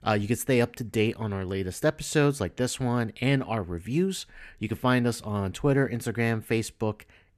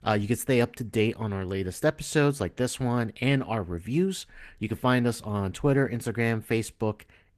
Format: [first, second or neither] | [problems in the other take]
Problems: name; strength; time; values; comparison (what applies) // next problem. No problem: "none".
first | garbled, watery; slightly; nothing above 14 kHz